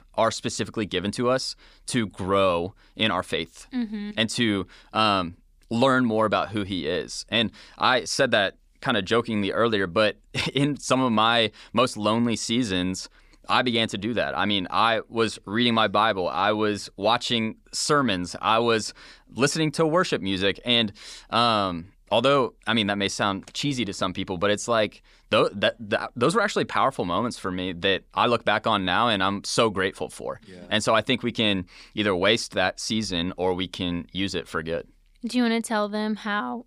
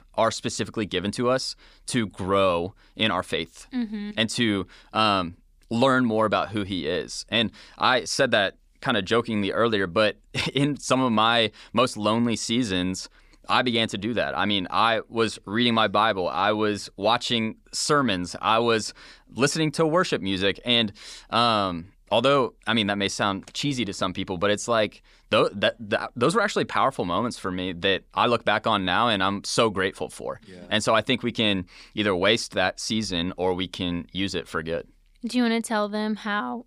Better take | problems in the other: neither | none

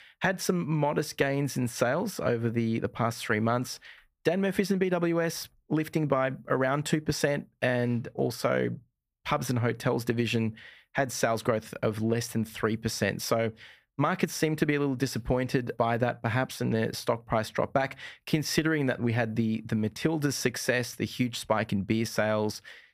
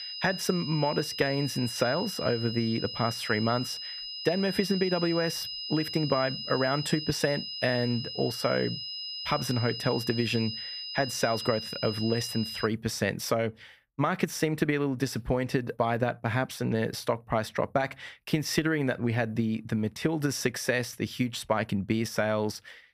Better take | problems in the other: first | high-pitched whine; loud; until 13 s; 5 kHz, 6 dB below the speech

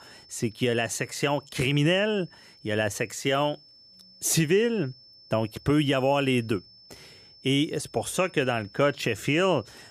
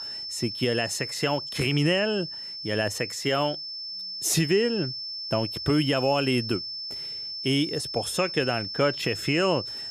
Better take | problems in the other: first | high-pitched whine; loud; throughout; 5.5 kHz, 6 dB below the speech; faint in the first

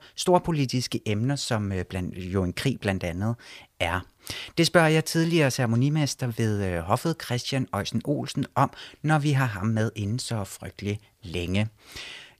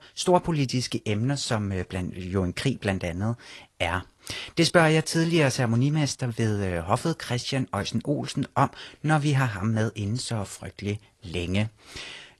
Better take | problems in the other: first | garbled, watery; slightly; nothing above 11.5 kHz

